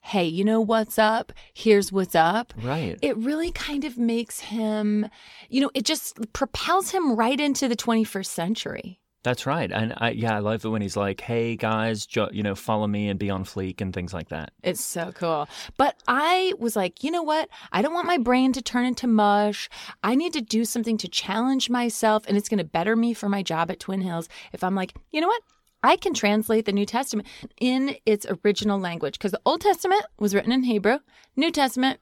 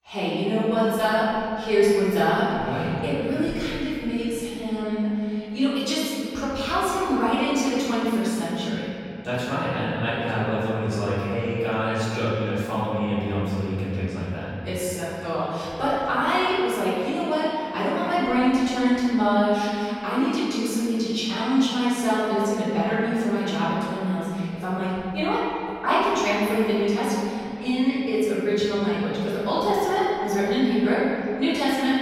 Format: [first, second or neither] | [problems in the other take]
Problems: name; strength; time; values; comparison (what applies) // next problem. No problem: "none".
first | off-mic speech; far // room echo; strong; dies away in 2.8 s